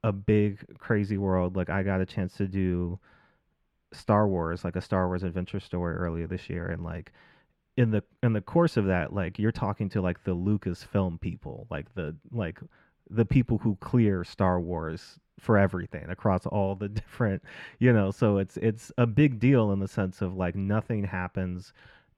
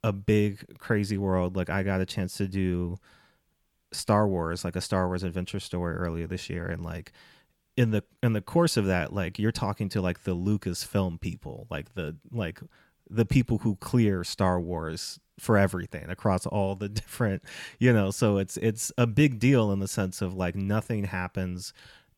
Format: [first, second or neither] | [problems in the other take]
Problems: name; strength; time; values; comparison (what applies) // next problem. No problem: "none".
second | muffled; slightly; fading above 4 kHz